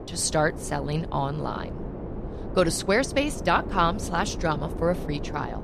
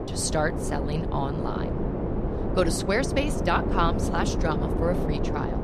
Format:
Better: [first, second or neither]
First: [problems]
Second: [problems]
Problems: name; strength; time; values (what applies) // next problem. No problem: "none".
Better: first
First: wind noise on the microphone; occasional gusts; 15 dB below the speech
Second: wind noise on the microphone; heavy; 5 dB below the speech